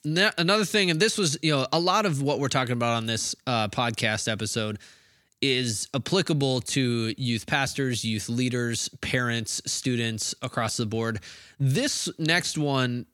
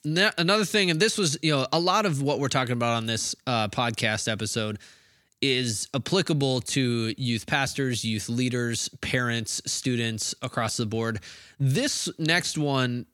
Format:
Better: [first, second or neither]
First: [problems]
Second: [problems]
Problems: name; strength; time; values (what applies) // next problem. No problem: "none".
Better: neither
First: none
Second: none